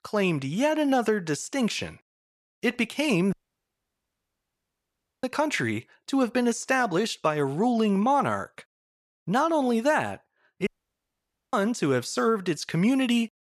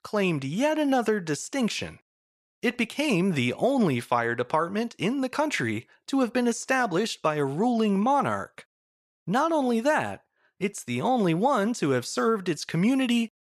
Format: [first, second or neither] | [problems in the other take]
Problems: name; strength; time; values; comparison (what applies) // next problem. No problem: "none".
second | audio cutting out; at 3.5 s for 2 s and at 11 s for 1 s